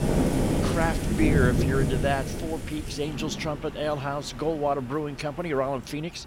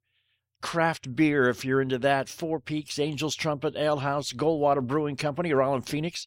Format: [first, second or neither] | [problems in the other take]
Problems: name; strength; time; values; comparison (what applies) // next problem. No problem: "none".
second | rain or running water; very loud; throughout; 2 dB above the speech